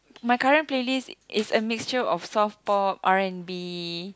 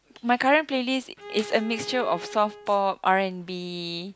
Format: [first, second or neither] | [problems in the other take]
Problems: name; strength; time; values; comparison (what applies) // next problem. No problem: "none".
first | background sound (Bowed string instrument); 16 dB below the speech